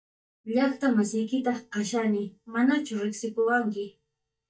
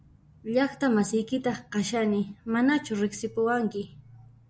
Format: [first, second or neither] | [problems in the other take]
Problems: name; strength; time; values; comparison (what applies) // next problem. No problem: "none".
second | noise reduction (neural mask model DeepFilterNet 3)